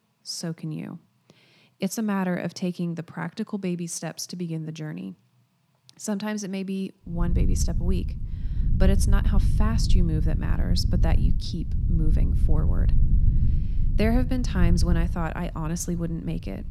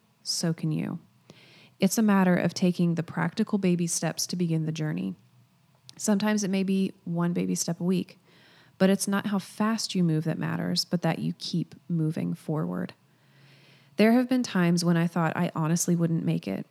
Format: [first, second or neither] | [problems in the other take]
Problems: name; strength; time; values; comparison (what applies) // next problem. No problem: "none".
second | low rumble; loud; from 7 s on; 8 dB below the speech